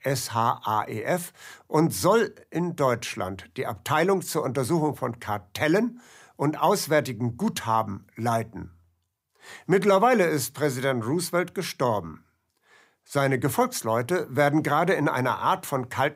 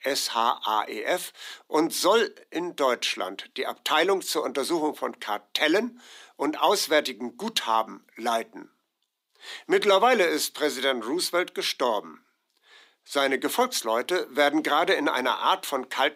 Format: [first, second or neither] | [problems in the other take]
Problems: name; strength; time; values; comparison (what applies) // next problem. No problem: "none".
first | thin; somewhat; fading below 250 Hz